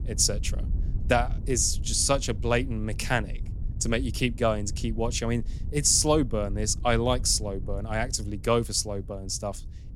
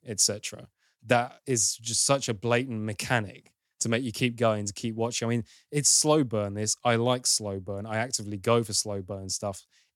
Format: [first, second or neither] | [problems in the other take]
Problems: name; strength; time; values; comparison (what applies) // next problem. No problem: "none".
second | wind noise on the microphone; occasional gusts; 25 dB below the speech